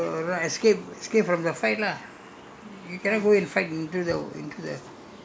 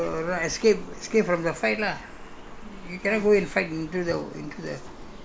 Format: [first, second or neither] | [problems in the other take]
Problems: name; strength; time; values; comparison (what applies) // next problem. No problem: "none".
first | background sound (Rain); 15 dB below the speech